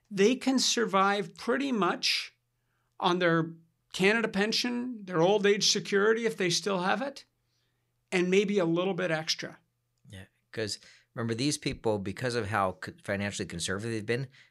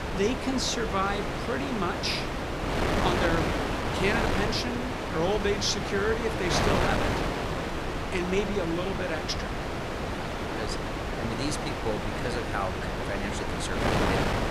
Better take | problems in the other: first | wind noise on the microphone; heavy; 1 dB above the speech

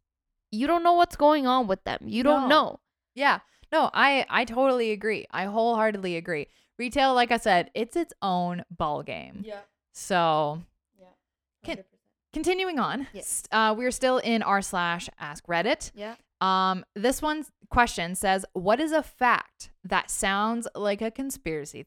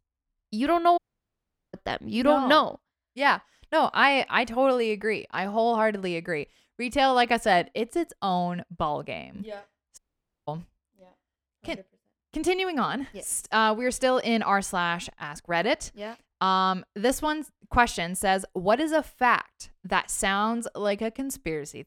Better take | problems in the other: first | audio cutting out; at 1 s for 1 s and at 10 s

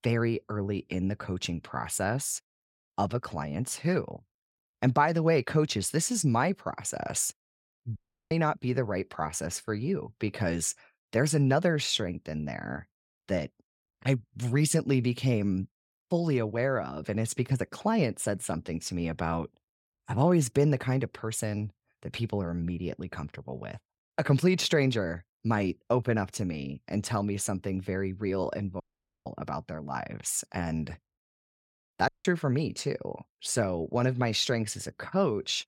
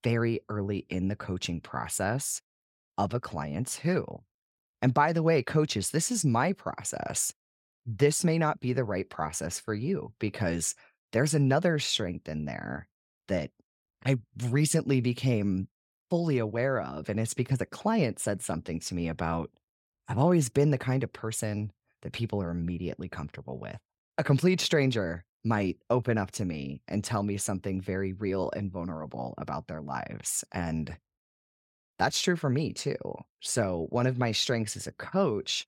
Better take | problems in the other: second | audio cutting out; at 8 s, at 29 s and at 32 s

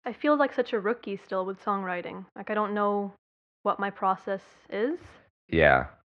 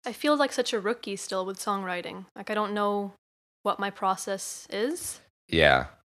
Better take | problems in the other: second | muffled; very; fading above 2.5 kHz

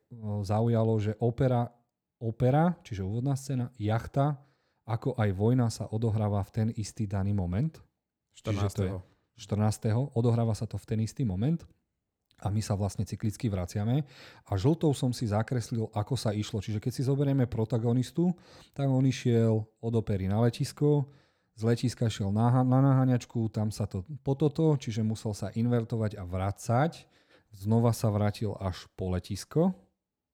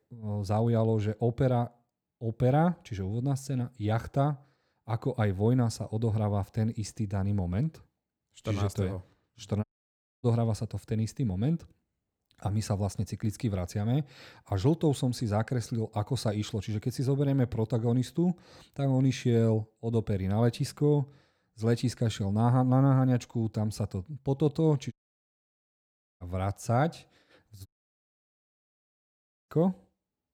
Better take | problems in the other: first | audio cutting out; at 9.5 s for 0.5 s, at 25 s for 1.5 s and at 28 s for 2 s

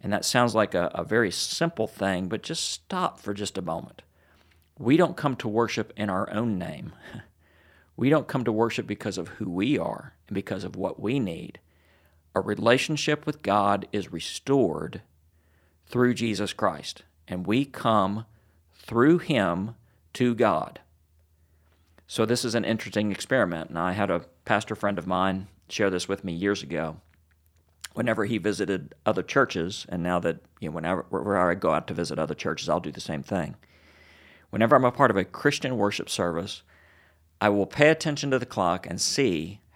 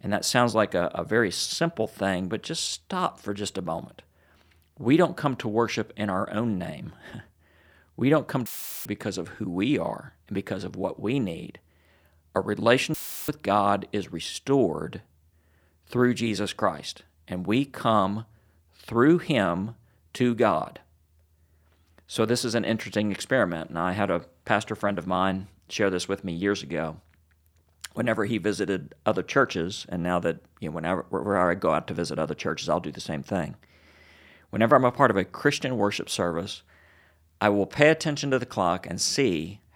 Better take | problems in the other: first | audio cutting out; filled with static; at 8.5 s and at 13 s

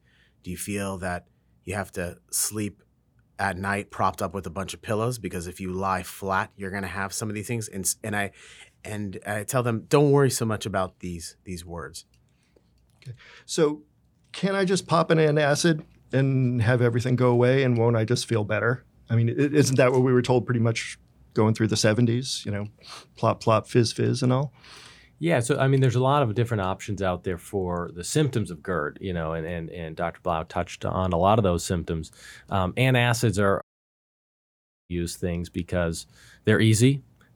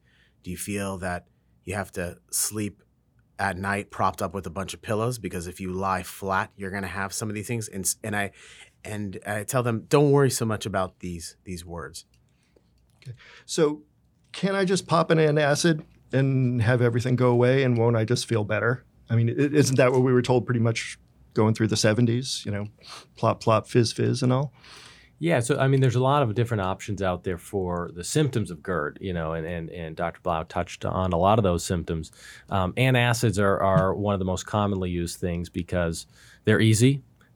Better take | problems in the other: second | audio cutting out; at 34 s for 1.5 s

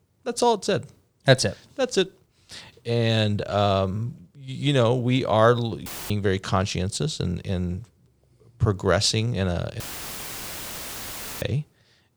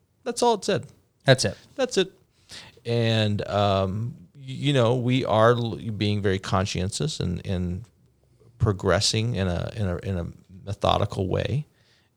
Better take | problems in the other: second | audio cutting out; filled with static; at 6 s and at 10 s for 1.5 s

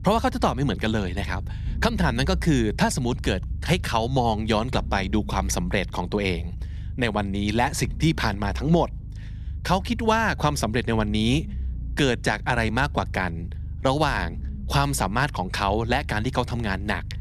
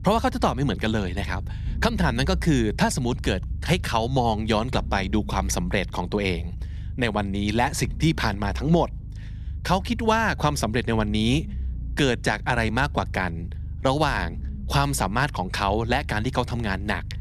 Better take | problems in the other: neither | low rumble; faint; throughout; 25 dB below the speech; the same in both

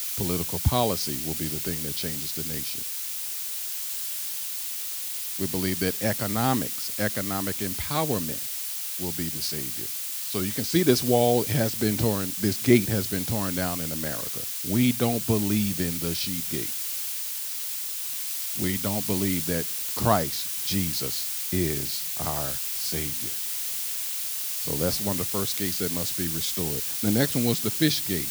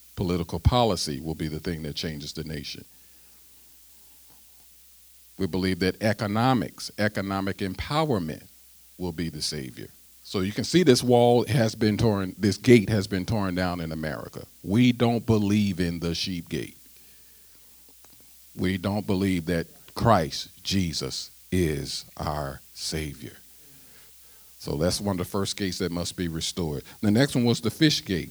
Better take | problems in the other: second | hiss; loud; throughout; as loud as the speech; faint in the second

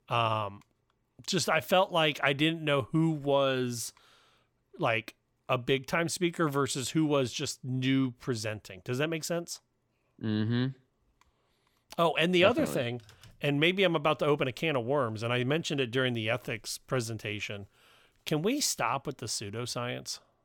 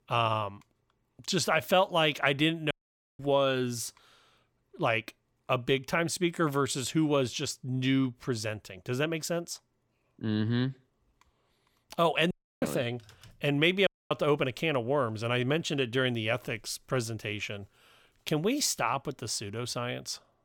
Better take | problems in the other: first | audio cutting out; at 2.5 s, at 12 s and at 14 s

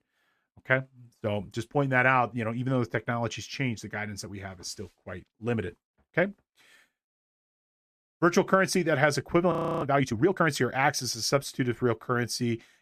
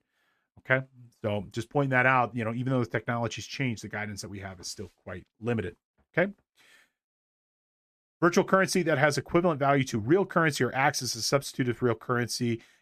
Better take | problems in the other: second | audio freezing; at 9.5 s

